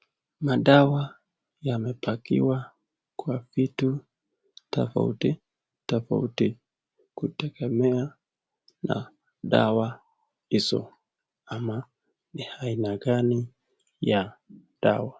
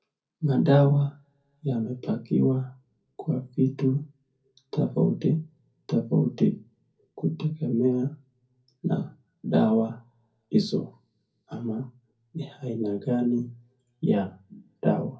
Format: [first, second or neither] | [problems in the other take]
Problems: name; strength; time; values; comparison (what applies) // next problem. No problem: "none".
first | room echo; dies away in 0.3 s